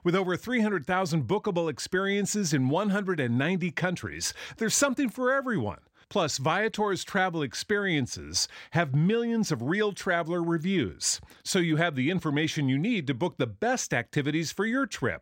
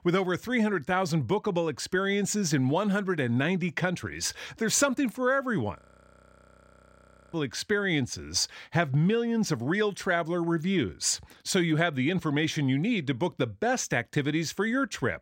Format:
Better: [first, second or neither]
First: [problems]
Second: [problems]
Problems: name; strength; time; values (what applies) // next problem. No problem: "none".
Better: first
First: none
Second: audio freezing; at 6 s for 1.5 s